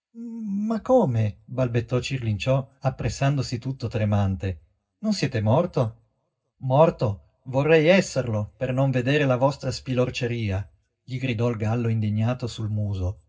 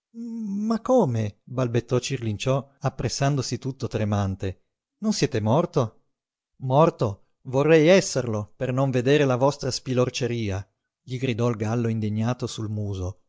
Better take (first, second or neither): second